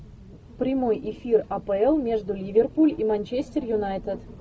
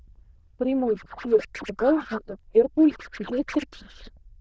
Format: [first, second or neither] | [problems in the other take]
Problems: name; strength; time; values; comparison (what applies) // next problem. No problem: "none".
first | noise reduction (neural diffusion model UNIVERSE++)